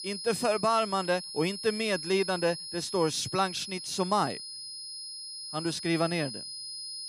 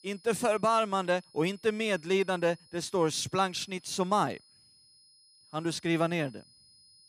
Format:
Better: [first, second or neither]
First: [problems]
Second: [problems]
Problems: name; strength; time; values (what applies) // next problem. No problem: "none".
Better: second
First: high-pitched whine; loud; throughout; 5 kHz, 8 dB below the speech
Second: high-pitched whine; faint; throughout; 5 kHz, 30 dB below the speech